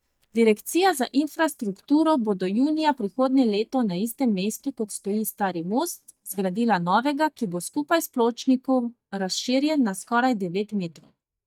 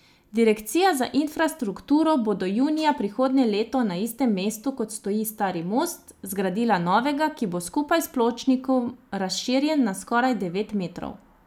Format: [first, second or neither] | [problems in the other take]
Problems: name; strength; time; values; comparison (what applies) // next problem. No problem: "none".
second | noise reduction (neural mask model DeepFilterNet 3)